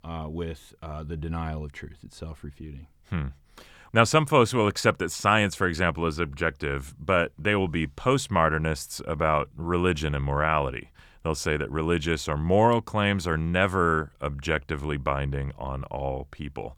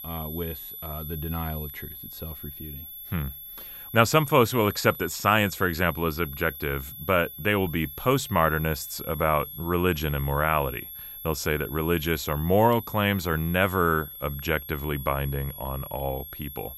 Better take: first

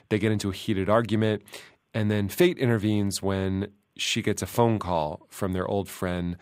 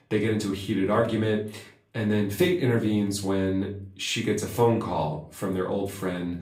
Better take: first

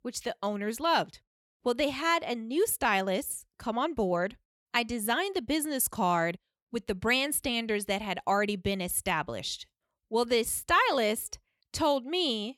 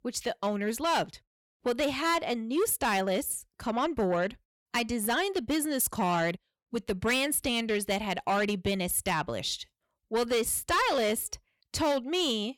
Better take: first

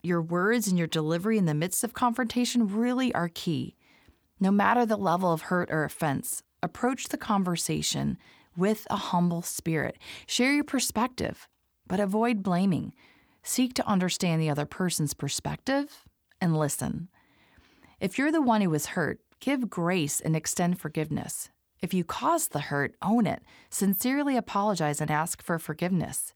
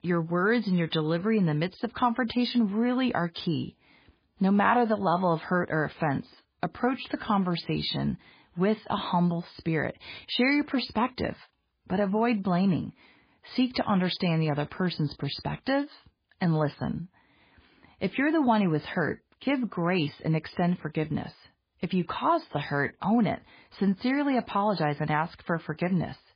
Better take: first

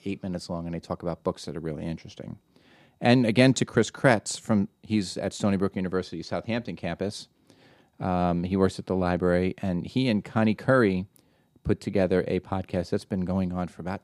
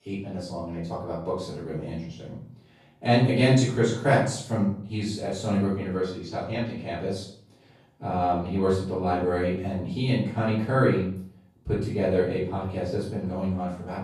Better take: first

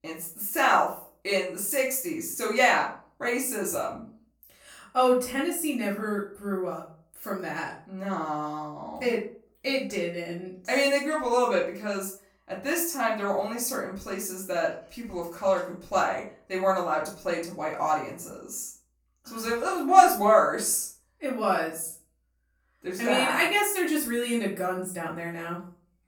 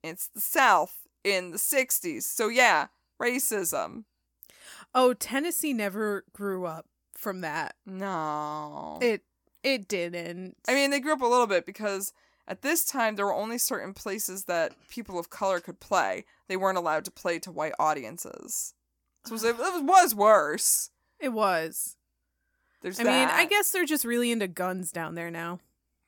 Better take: second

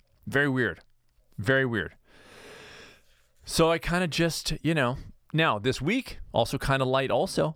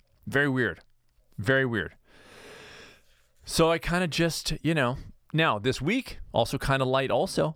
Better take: neither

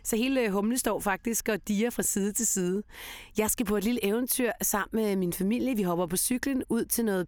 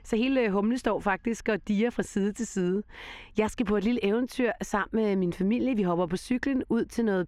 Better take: first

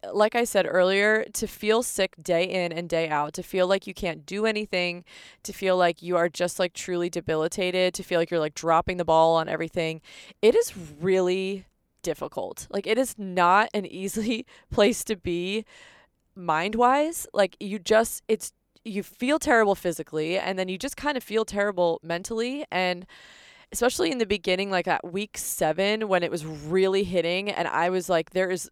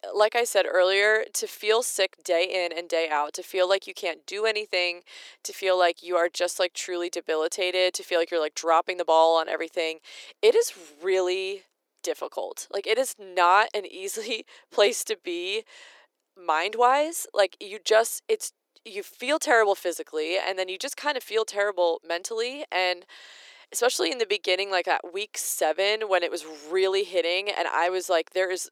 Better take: first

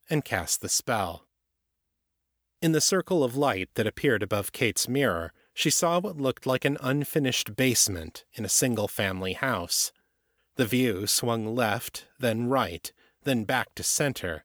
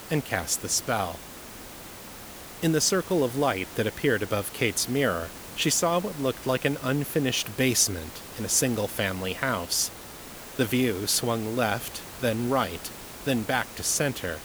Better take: first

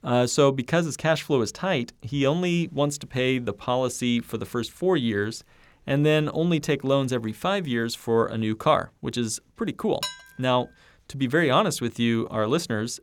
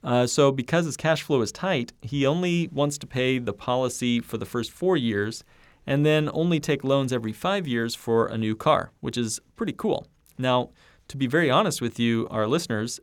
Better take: second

